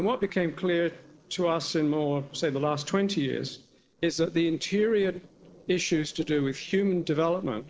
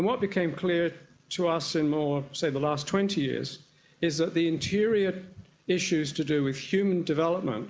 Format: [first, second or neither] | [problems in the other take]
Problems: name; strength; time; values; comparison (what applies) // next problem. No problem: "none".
second | noise reduction (neural separator model SepFormer DNS4)